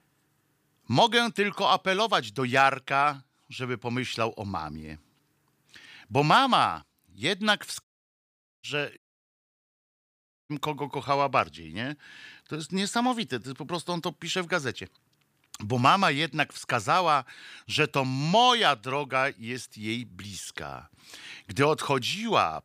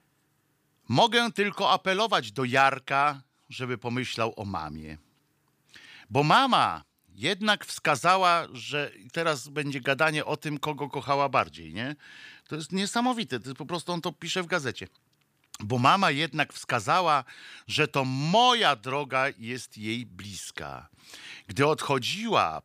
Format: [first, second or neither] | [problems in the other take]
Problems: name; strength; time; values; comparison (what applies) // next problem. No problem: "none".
second | audio cutting out; at 8 s for 1 s and at 9 s for 1.5 s